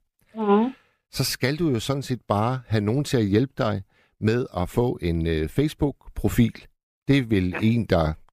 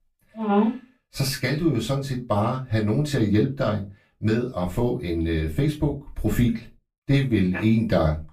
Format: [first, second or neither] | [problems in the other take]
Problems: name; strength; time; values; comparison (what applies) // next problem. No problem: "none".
first | off-mic speech; far // room echo; very slight; dies away in 0.2 s